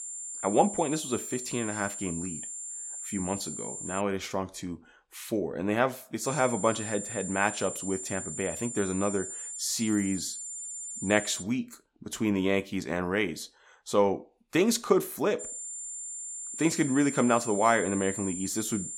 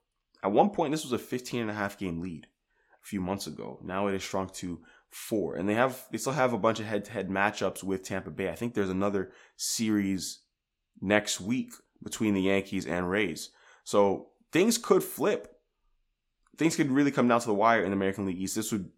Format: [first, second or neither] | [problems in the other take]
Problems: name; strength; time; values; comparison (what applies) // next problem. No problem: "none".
second | high-pitched whine; loud; until 4 s, from 6 to 11 s and from 15 s on; 7 kHz, 7 dB below the speech